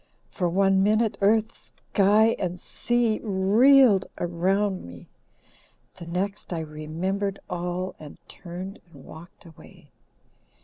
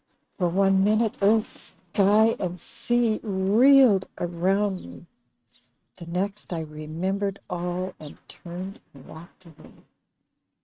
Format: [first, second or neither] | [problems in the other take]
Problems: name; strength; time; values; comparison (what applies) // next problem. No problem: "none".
first | noise reduction (neural mask model RNNoise)